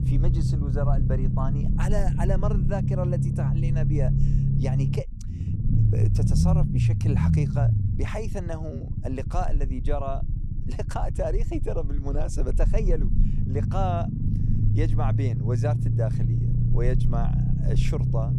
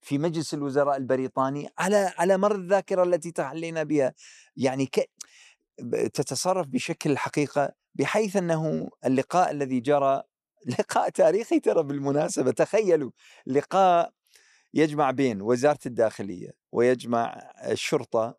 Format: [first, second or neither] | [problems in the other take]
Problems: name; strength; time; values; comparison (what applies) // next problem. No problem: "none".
second | low rumble; loud; throughout; 3 dB below the speech